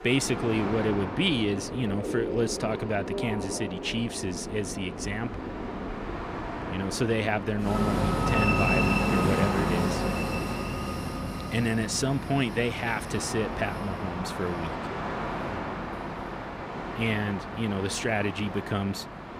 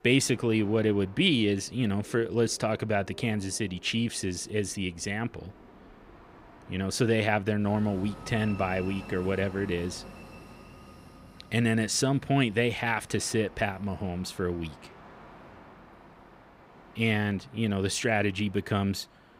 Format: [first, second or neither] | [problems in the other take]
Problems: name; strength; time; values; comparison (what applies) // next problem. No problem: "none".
second | train or aircraft noise; loud; throughout; 2 dB below the speech; faint in the second